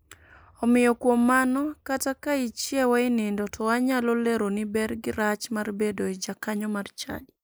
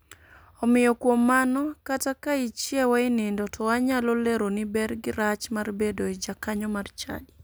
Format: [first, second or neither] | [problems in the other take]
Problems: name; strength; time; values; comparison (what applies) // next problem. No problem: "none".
second | noise reduction (neural mask model Resemble Enhance denoiser)